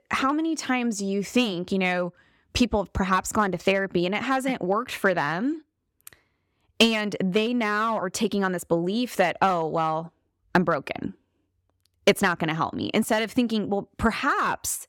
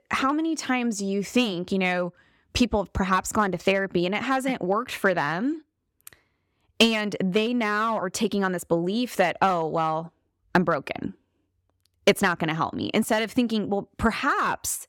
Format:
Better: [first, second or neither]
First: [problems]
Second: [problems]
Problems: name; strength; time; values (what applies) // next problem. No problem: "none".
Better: neither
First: none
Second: none